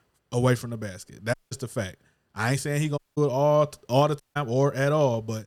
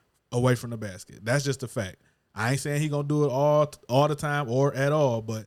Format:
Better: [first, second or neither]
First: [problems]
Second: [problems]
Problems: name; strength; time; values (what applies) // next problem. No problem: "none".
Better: second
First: audio cutting out; at 1.5 s, at 3 s and at 4 s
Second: none